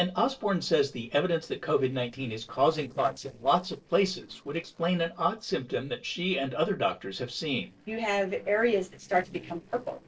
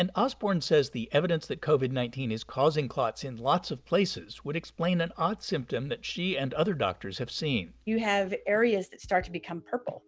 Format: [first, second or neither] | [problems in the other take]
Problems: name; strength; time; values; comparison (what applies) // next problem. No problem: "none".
second | noise reduction (neural separator model SepFormer DNS4)